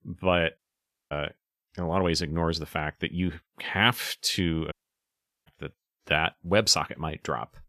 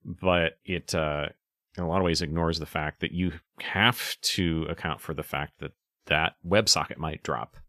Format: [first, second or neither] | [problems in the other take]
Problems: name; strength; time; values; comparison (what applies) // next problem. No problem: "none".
second | audio cutting out; at 0.5 s for 0.5 s and at 4.5 s for 0.5 s